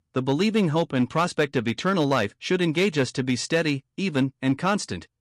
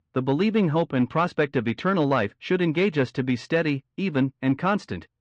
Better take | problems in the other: first | muffled; slightly; fading above 2.5 kHz

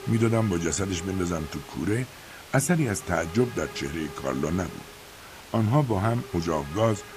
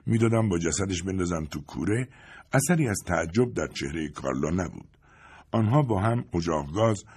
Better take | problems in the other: second | hiss; noticeable; throughout; 15 dB below the speech

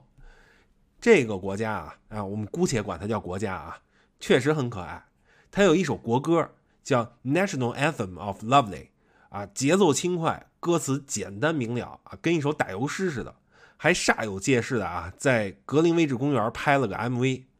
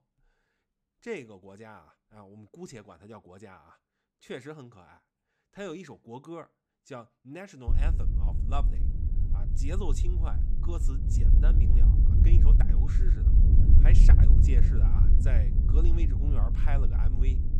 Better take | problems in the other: first | wind noise on the microphone; heavy; from 7.5 s on; as loud as the speech

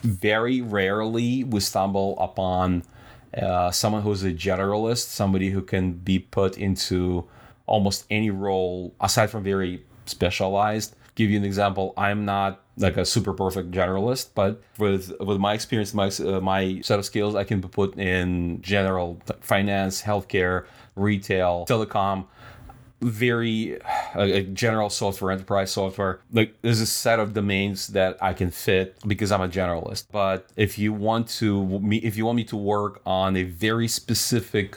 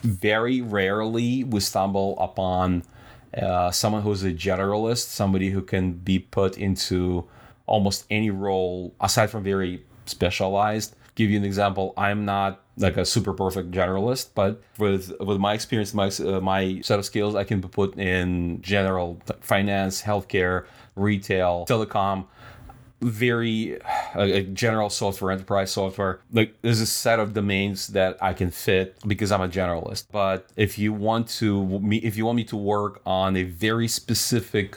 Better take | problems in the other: neither | none

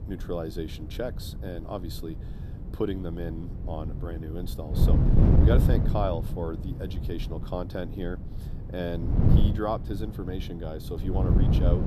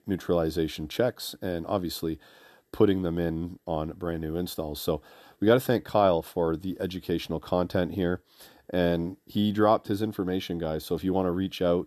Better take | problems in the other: second | wind noise on the microphone; heavy; 2 dB below the speech

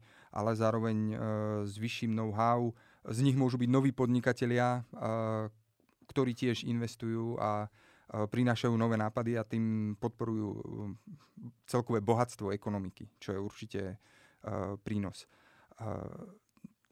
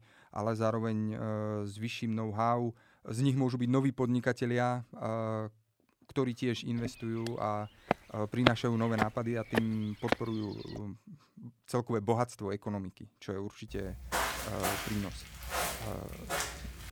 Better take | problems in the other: first | footsteps; loud; from 7 to 10 s and from 14 s on; peak 3 dB above the speech

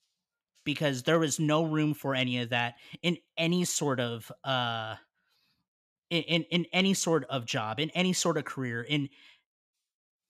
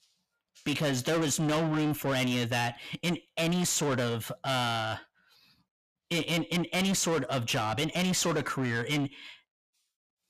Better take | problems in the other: first | distortion; heavy; 6 dB below the speech

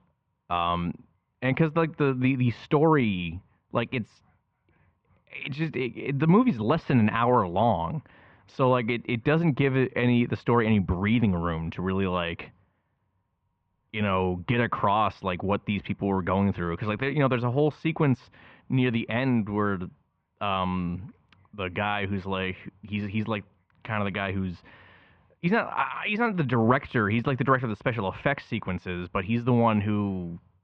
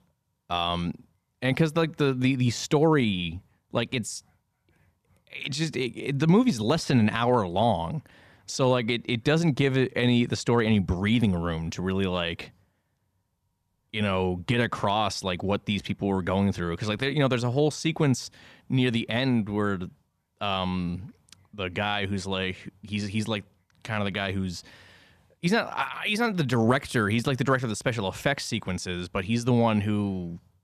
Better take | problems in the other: second | muffled; very; fading above 2.5 kHz

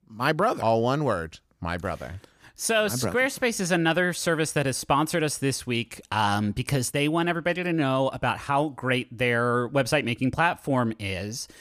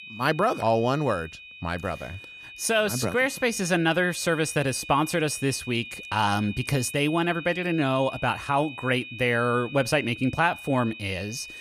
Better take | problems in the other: first | high-pitched whine; noticeable; throughout; 2.5 kHz, 15 dB below the speech

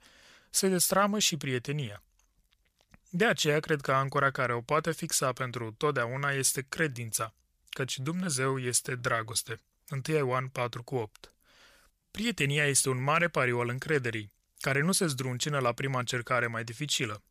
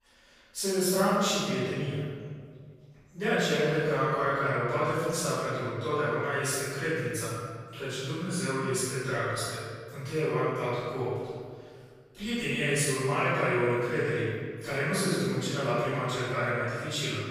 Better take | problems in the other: first | off-mic speech; far // room echo; strong; dies away in 1.8 s

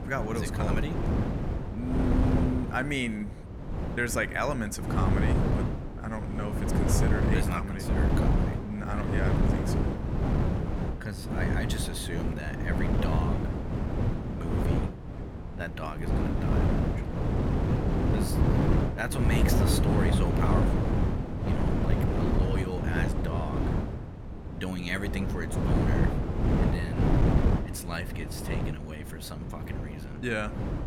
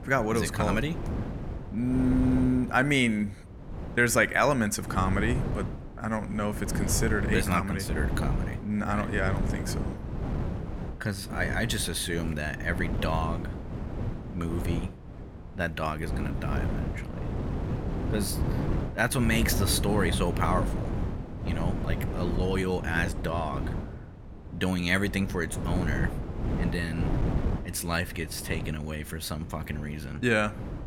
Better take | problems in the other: second | wind noise on the microphone; heavy; as loud as the speech; occasional gusts in the second

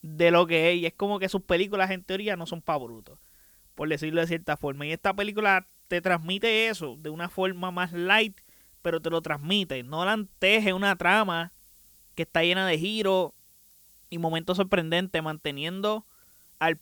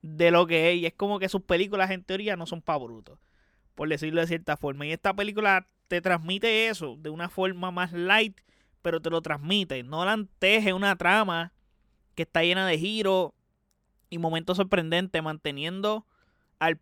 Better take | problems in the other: second | hiss; faint; throughout; 30 dB below the speech

